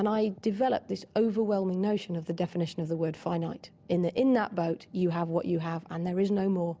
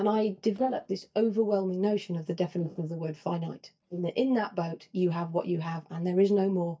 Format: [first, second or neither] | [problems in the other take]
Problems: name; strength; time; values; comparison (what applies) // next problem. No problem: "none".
first | noise reduction (neural mask model DeepFilterNet 3)